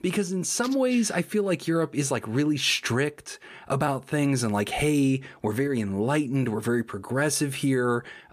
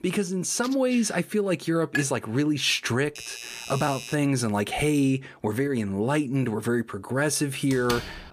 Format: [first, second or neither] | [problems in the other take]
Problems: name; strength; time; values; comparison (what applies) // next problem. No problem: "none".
first | clattering dishes; noticeable; at 2 s; peak 6 dB below the speech // doorbell; faint; from 3 to 4 s; peak 10 dB below the speech // door banging; noticeable; at 7.5 s; peak 8 dB below the speech